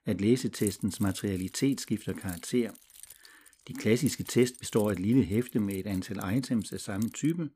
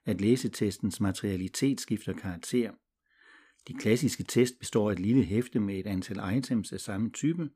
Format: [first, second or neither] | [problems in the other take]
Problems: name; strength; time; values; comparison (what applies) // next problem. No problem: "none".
second | jangling keys; faint; from 0.5 s on; peak 10 dB below the speech